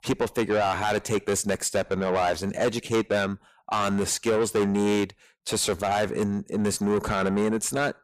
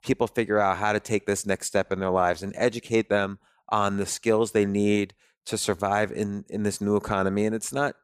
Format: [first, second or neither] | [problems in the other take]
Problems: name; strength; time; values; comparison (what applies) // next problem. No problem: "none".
second | distortion; heavy; 7 dB below the speech